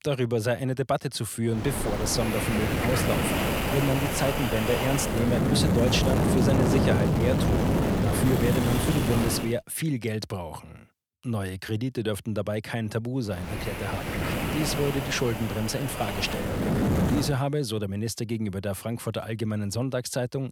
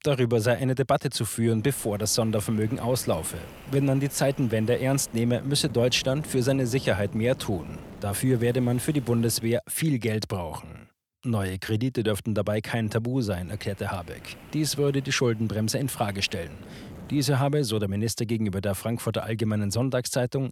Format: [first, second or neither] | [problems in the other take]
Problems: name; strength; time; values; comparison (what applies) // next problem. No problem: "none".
second | wind noise on the microphone; heavy; from 1.5 to 9.5 s and from 13 to 17 s; 2 dB above the speech; occasional gusts in the second